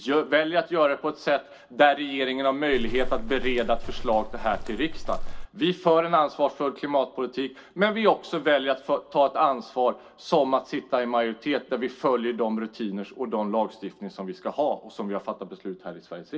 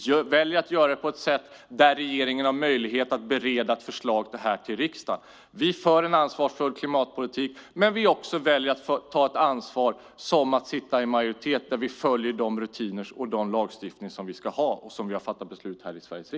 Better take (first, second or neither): second